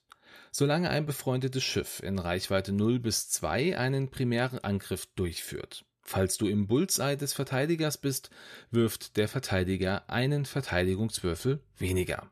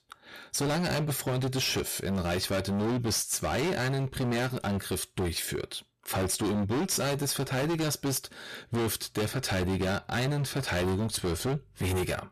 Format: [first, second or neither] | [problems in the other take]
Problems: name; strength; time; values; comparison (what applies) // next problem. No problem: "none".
first | distortion; heavy; 28% of the sound clipped